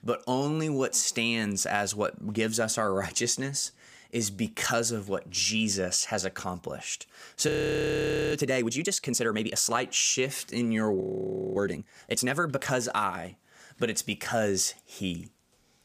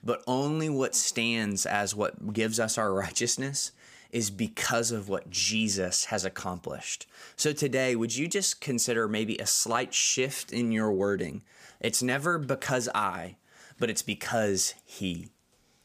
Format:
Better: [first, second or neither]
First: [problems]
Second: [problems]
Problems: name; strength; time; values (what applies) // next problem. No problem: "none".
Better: second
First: audio freezing; at 7.5 s for 1 s and at 11 s for 0.5 s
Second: none